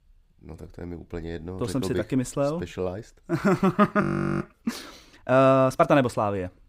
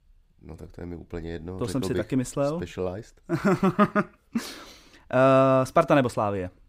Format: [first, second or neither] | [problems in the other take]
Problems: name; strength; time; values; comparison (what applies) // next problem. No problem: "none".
second | audio freezing; at 4 s